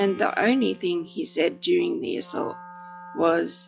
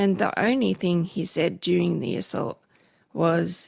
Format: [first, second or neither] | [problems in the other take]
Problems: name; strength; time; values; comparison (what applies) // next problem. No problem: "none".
second | noise reduction (classical method log-MMSE)